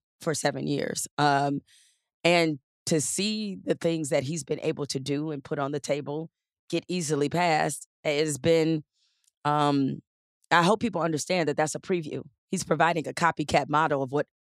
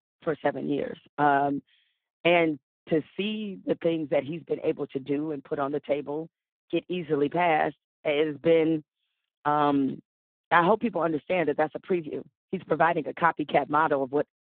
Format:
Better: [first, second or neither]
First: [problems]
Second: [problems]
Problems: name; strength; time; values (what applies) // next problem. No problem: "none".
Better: first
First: none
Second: phone-call audio; poor line